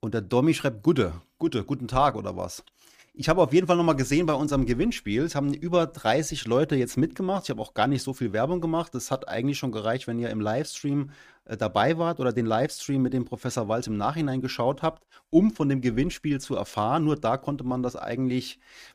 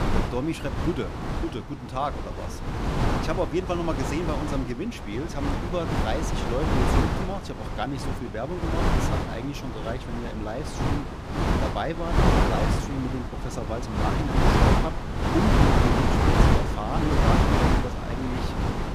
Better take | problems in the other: first | wind noise on the microphone; heavy; 4 dB above the speech

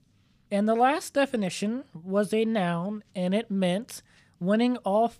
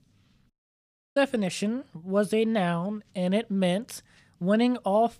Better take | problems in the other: first | audio cutting out; at 0.5 s for 0.5 s

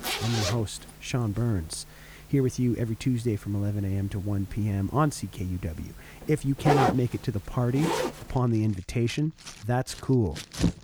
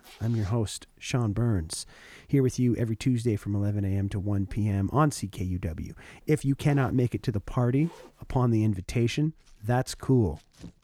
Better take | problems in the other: second | household noises; loud; throughout; 2 dB below the speech; faint in the second

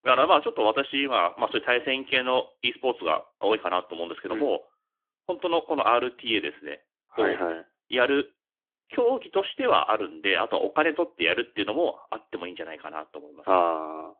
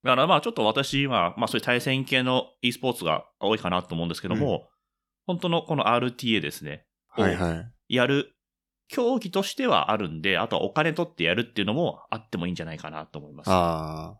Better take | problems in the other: second | phone-call audio; nothing above 3.5 kHz

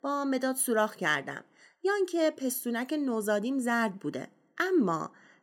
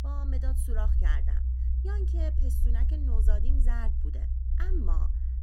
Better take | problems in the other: first | low rumble; loud; throughout; 4 dB below the speech

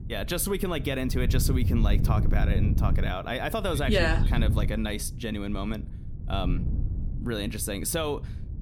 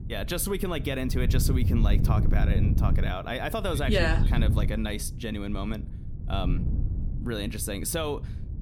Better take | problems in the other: first | wind noise on the microphone; heavy; 10 dB below the speech; occasional gusts in the first

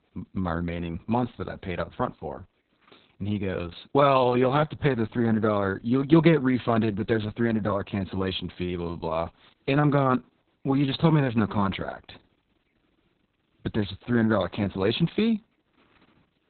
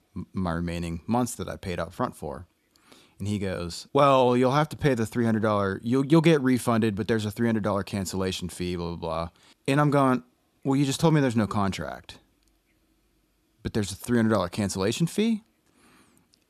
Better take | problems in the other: second | garbled, watery; badly; nothing above 4 kHz

